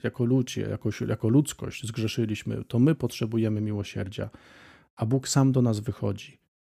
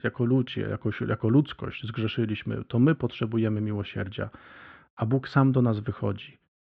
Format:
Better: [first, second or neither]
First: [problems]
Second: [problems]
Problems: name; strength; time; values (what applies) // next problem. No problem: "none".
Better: first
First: none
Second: muffled; very; fading above 3.5 kHz